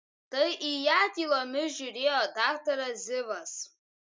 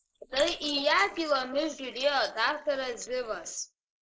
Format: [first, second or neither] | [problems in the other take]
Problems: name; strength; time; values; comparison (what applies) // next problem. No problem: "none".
first | noise reduction (neural mask model Resemble Enhance denoiser)